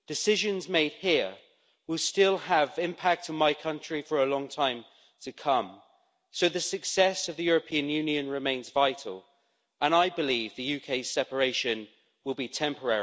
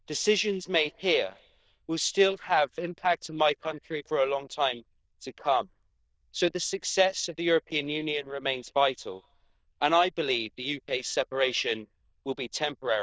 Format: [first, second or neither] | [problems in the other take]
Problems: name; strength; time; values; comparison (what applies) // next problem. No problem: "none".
first | noise reduction (neural diffusion model UNIVERSE++)